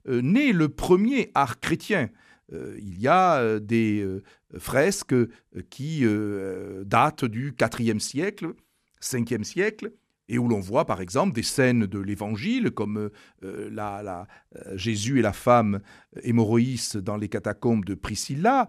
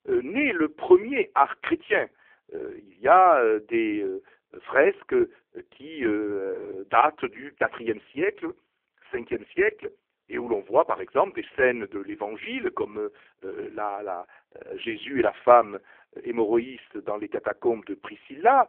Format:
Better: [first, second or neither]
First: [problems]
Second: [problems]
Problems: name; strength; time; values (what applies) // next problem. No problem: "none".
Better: first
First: none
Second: phone-call audio; poor line